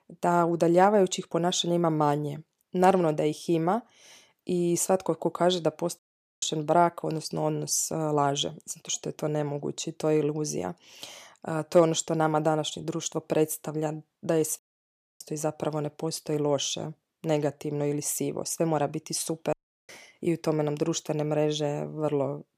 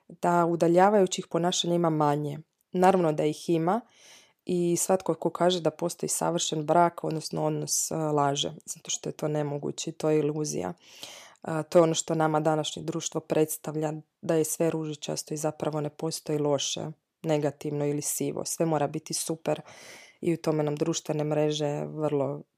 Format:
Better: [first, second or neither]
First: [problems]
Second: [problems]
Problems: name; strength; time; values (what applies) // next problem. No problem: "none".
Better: second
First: audio cutting out; at 6 s, at 15 s for 0.5 s and at 20 s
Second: none